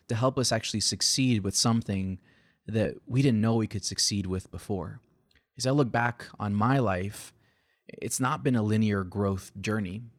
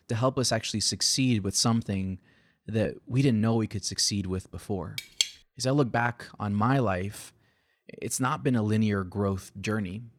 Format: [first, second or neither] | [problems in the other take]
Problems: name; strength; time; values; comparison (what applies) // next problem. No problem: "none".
first | clattering dishes; noticeable; at 5 s; peak 1 dB below the speech